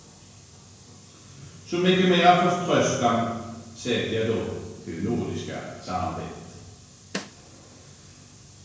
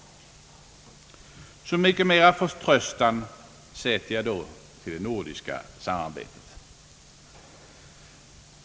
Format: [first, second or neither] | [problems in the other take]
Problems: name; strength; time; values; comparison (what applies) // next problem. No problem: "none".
second | background sound (Snare drum); 10 dB below the speech // room echo; dies away in 1 s